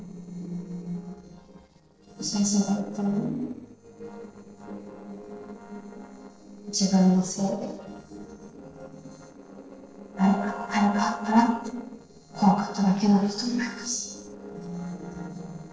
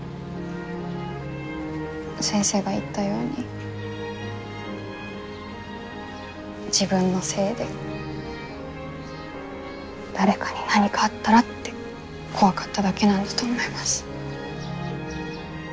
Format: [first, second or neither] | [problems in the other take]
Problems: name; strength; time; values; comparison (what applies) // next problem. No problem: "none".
second | noise reduction (neural separator model SepFormer DNS4)